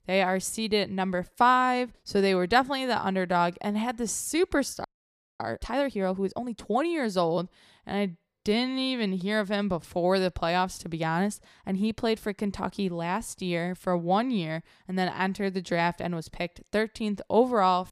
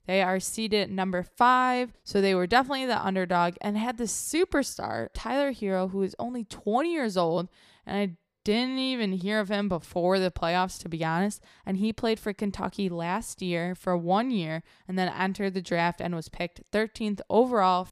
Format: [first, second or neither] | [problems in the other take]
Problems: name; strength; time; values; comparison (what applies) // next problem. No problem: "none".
second | audio freezing; at 5 s for 0.5 s